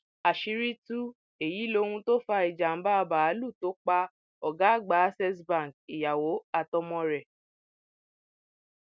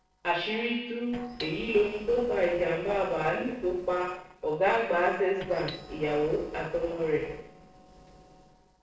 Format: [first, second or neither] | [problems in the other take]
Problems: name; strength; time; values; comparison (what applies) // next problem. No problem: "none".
first | noise reduction (neural separator model SepFormer DNS4)